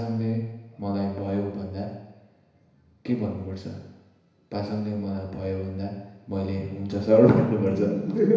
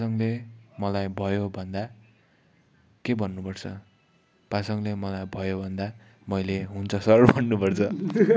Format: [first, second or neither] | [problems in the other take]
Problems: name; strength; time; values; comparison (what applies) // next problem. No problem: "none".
second | room echo; dies away in 1 s